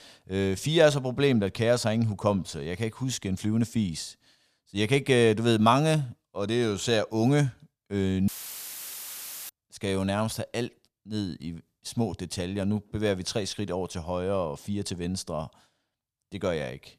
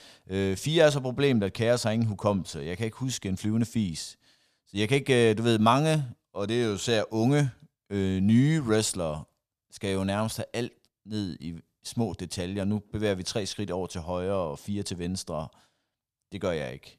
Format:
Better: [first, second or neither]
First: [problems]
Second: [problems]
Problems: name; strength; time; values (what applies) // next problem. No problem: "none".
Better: second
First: audio cutting out; filled with static; at 8.5 s for 1 s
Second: none